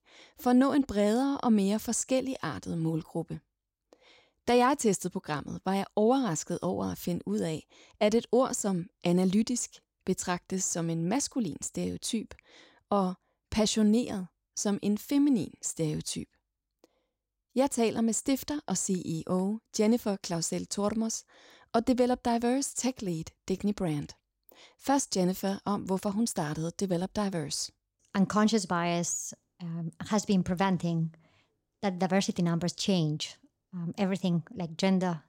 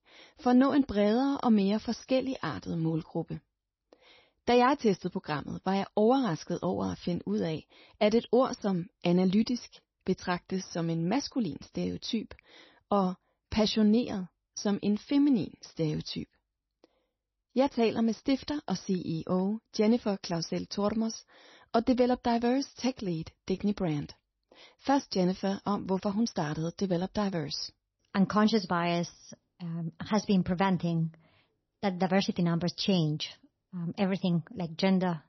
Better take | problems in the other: first | garbled, watery; slightly; nothing above 6 kHz

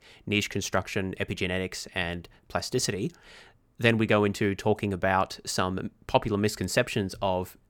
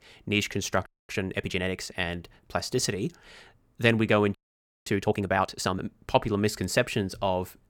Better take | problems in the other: first | audio freezing; at 1 s and at 4.5 s for 0.5 s

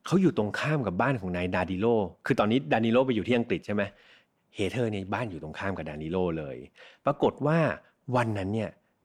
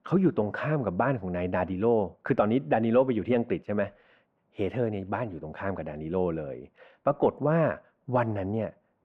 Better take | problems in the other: first | muffled; very; fading above 3.5 kHz

